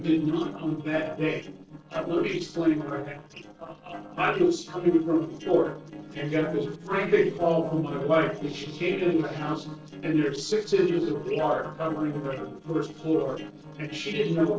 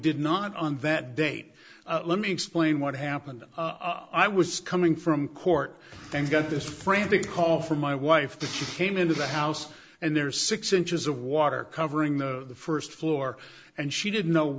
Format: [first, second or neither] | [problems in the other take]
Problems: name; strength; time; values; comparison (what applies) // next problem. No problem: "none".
second | noise reduction (neural separator model SepFormer DNS4)